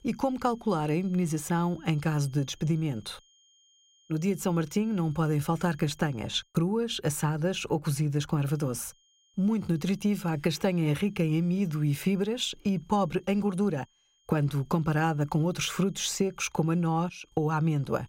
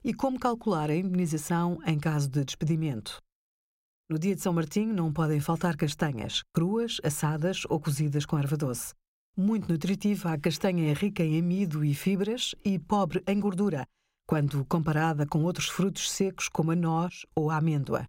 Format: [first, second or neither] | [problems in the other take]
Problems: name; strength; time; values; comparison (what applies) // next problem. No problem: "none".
second | high-pitched whine; faint; until 6.5 s and from 8.5 s on; 3 kHz, 35 dB below the speech